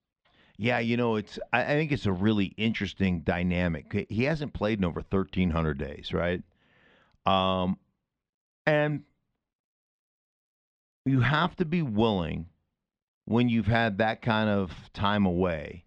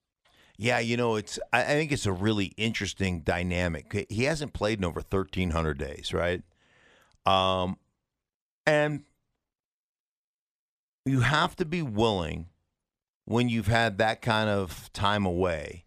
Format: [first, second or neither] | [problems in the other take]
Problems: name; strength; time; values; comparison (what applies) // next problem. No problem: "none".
second | muffled; slightly; fading above 4 kHz